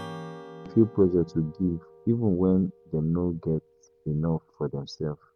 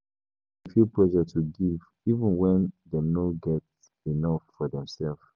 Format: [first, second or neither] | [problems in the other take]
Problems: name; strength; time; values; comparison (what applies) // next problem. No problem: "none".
second | background sound (Strum); 20 dB below the speech